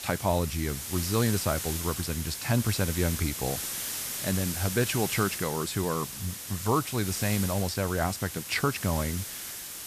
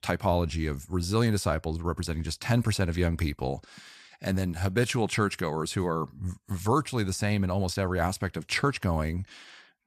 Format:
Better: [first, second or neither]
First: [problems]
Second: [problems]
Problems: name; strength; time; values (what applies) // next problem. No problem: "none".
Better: second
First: hiss; loud; throughout; 4 dB below the speech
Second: none